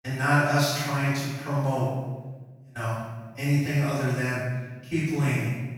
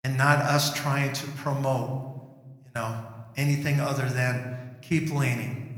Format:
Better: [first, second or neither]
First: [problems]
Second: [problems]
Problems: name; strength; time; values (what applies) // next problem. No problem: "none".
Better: second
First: room echo; strong; dies away in 1.2 s // off-mic speech; far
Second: room echo; slight; dies away in 1 s